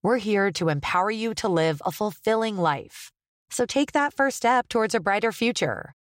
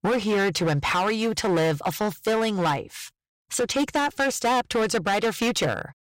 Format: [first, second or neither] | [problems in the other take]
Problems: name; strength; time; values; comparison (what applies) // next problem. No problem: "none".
first | distortion; heavy; 19% of the sound clipped